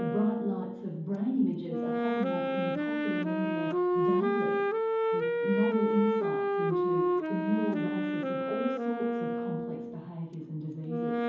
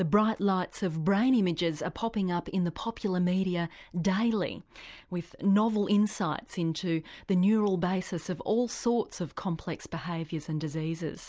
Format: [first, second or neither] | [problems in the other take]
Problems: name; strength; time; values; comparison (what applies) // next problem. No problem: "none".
second | background sound (Wind instrument, woodwind instrument); 3 dB above the speech // room echo; dies away in 0.9 s